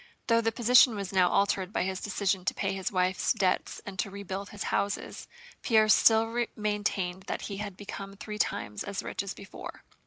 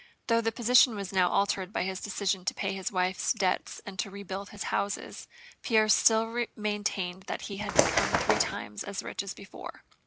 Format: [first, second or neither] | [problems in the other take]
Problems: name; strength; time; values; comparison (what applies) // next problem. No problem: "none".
first | background sound (Bird); 4 dB above the speech